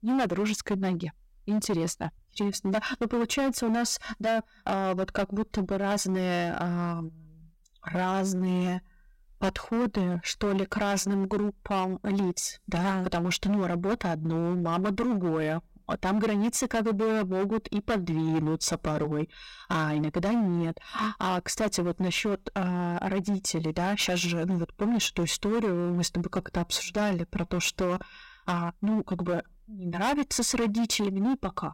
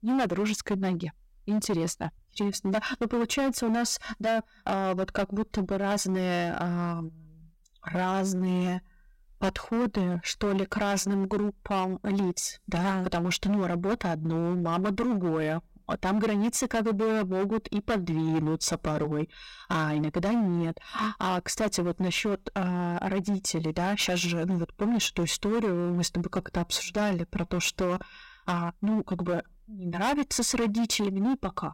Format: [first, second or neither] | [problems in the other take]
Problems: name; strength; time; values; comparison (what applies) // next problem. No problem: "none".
neither | distortion; heavy; 15% of the sound clipped; the same in both